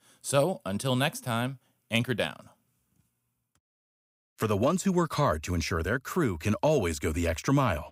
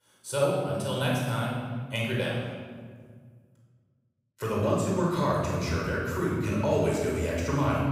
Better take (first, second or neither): first